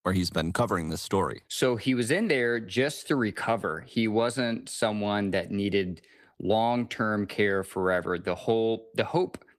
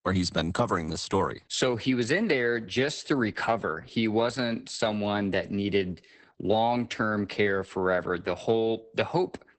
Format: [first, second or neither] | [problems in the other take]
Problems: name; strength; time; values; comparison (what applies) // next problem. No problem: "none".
first | garbled, watery; badly; nothing above 8 kHz; slightly in the first